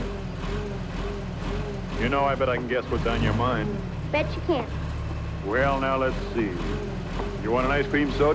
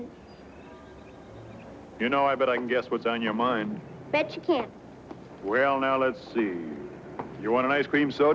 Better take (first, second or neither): second